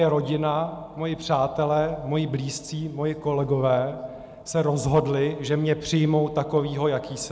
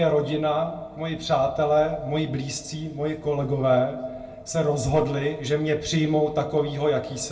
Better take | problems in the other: first | room echo; dies away in 0.2 s

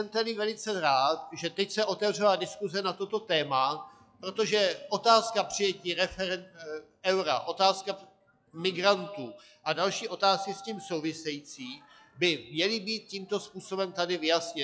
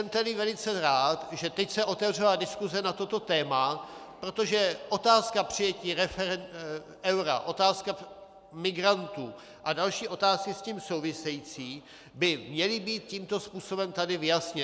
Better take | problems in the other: second | noise reduction (classical method log-MMSE)

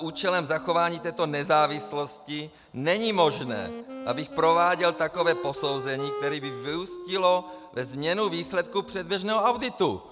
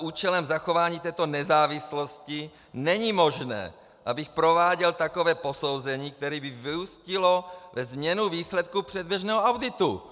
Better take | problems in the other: second | background sound (Wind instrument, woodwind instrument); 13 dB below the speech

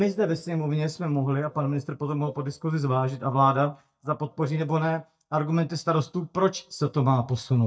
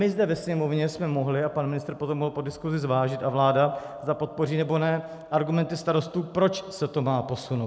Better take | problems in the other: second | noise reduction (neural mask model DeepFilterNet 3)

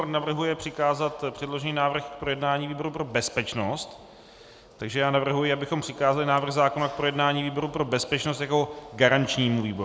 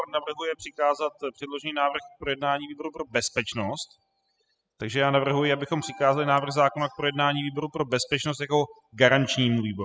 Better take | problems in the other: first | noise reduction (classical method spectral subtraction)

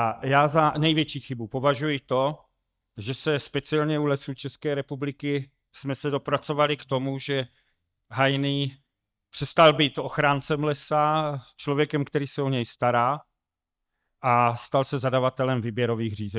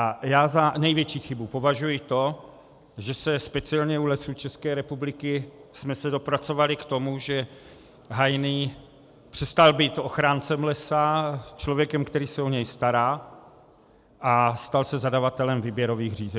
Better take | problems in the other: second | noise reduction (neural mask model DeepFilterNet 3)

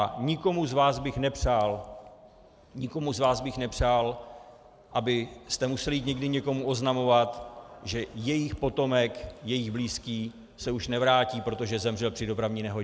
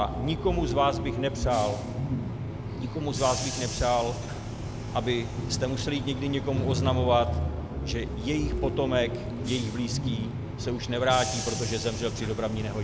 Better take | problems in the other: first | background sound (Bus / Engine); 3 dB below the speech

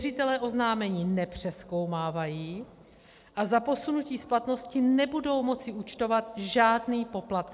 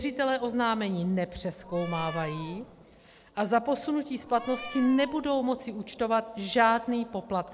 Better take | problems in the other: first | background sound (Meow); 14 dB below the speech

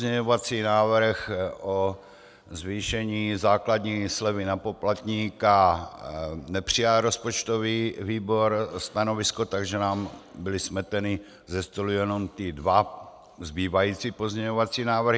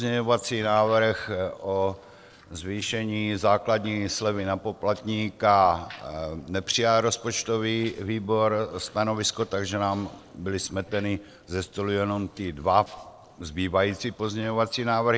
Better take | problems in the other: first | noise reduction (neural separator model SepFormer DNS4)

